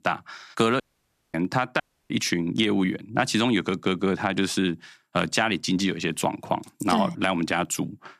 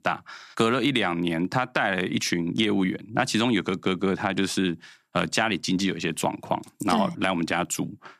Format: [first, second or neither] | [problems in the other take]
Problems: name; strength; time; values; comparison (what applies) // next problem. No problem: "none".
second | audio cutting out; at 1 s for 0.5 s and at 2 s